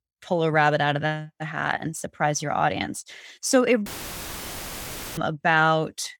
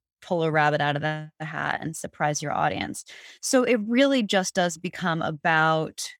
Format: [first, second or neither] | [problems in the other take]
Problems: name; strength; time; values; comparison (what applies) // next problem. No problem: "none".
second | audio cutting out; filled with static; at 4 s for 1.5 s